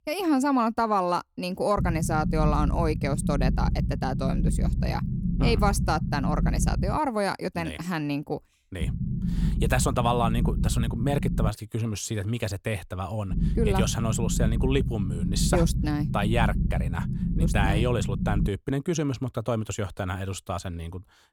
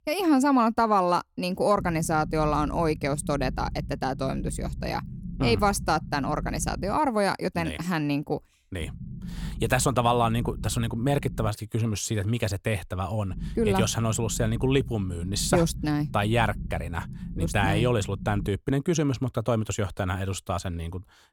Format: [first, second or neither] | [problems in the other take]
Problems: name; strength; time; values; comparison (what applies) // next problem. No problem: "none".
second | low rumble; loud; from 2 to 7 s, from 9 to 11 s and from 13 to 18 s; 10 dB below the speech; faint in the second